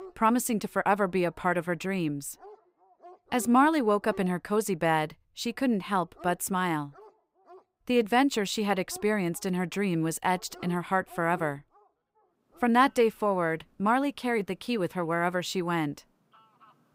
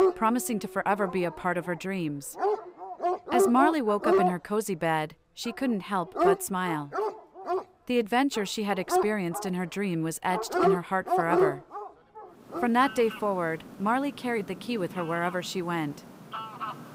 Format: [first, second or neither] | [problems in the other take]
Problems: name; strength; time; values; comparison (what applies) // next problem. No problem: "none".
first | animal sounds; loud; throughout; 1 dB below the speech; faint in the first